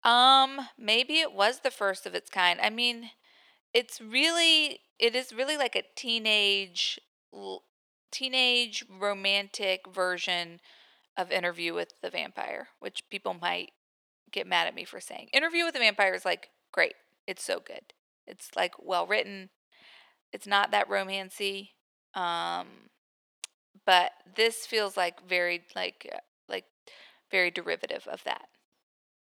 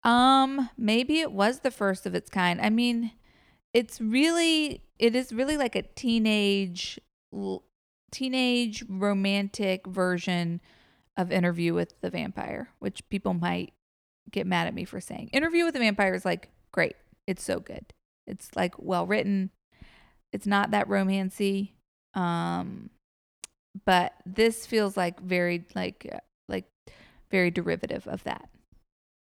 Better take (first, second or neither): second